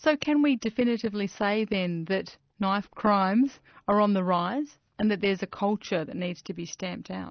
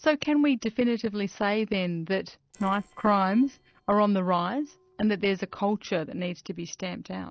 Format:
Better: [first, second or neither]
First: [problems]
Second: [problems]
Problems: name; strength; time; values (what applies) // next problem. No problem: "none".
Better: first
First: none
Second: noise reduction (neural separator model SepFormer DNS4)